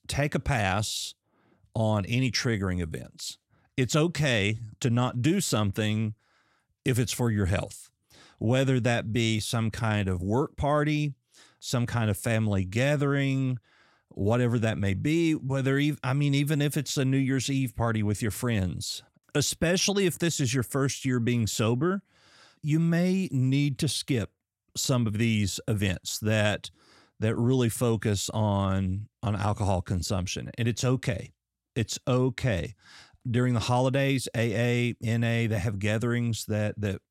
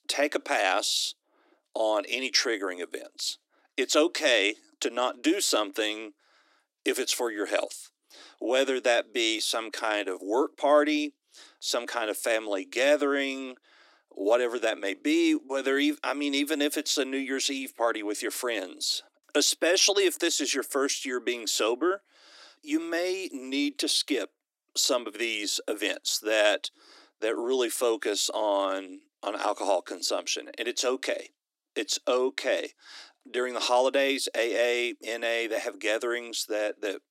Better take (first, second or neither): first